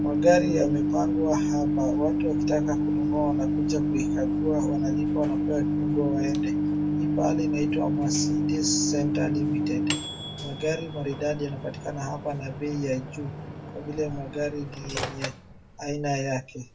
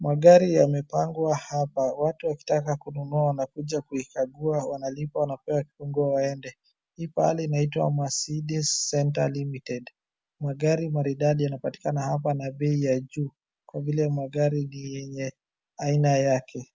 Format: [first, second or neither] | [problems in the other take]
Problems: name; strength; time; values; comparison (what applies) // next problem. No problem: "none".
second | background sound (Microwave oven); 3 dB above the speech // room echo; dies away in 0.2 s